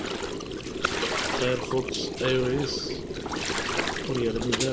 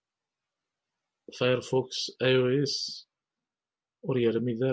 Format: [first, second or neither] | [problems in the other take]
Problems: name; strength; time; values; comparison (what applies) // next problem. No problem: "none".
second | background sound (Gurgling); 1 dB above the speech